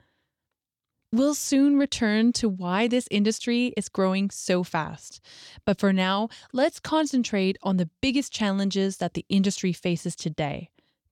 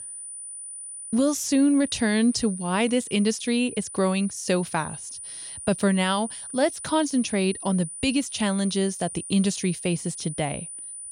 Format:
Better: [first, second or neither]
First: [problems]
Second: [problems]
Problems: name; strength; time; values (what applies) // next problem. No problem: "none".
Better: first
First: none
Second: high-pitched whine; noticeable; throughout; 9.5 kHz, 10 dB below the speech